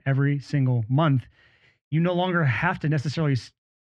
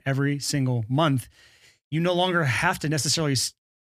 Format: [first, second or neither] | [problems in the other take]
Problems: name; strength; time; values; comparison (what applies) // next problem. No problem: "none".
second | muffled; slightly; fading above 2 kHz